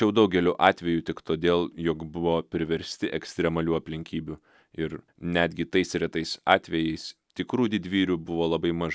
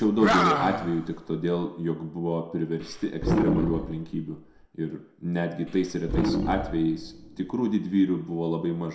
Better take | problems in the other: first | background sound (Animal); 3 dB below the speech // room echo; dies away in 0.6 s

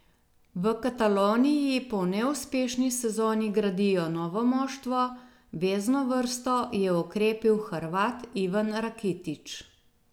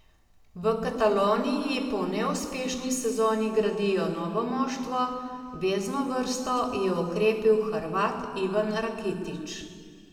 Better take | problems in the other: first | room echo; dies away in 2.1 s

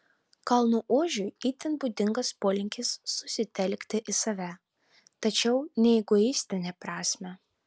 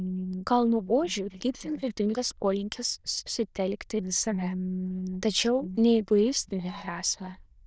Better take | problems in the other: first | noise reduction (neural diffusion model UNIVERSE++)

